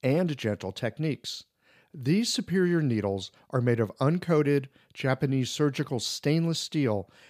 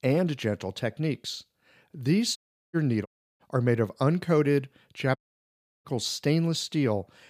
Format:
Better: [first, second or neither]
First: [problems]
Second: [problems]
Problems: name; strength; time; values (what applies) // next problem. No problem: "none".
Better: first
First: none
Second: audio cutting out; at 2.5 s, at 3 s and at 5 s for 0.5 s